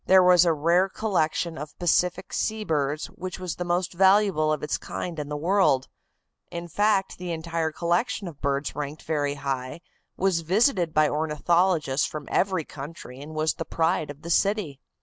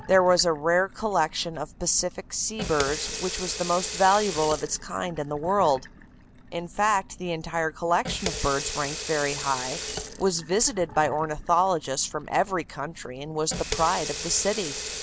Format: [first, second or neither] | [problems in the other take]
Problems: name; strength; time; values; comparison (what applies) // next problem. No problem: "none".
first | background sound (Sink (filling or washing) / Water tap, faucet); 10 dB below the speech